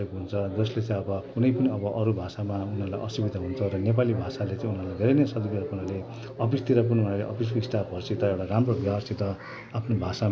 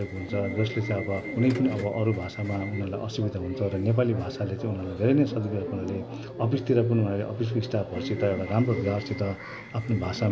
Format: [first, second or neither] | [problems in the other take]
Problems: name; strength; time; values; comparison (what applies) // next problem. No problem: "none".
first | background sound (Subway, metro, underground / Alarm); 13 dB below the speech